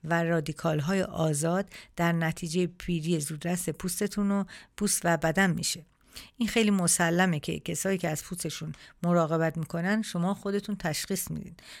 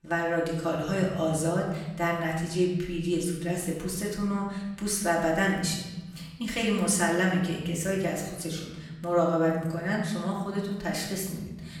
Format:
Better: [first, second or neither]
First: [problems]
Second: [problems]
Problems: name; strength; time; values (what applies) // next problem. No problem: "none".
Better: first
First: none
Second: off-mic speech; far // room echo; noticeable; dies away in 1.1 s